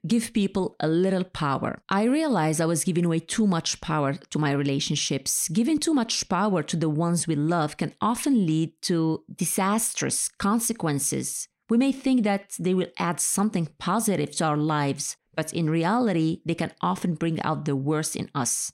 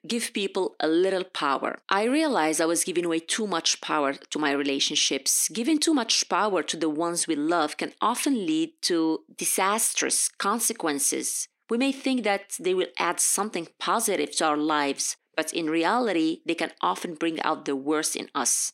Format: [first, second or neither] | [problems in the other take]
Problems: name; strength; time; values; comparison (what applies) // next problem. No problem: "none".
first | thin; somewhat; fading below 300 Hz